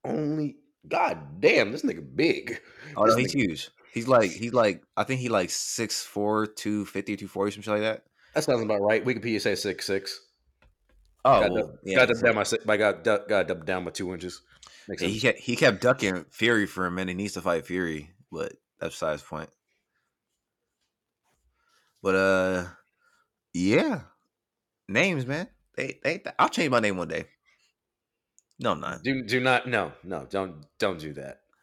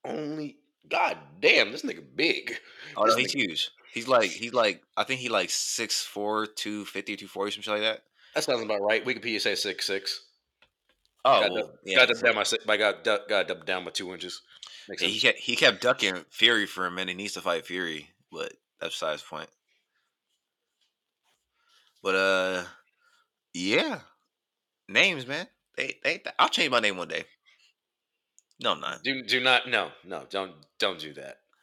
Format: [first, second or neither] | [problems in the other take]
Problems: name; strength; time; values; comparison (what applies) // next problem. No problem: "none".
first | thin; very slightly; fading below 500 Hz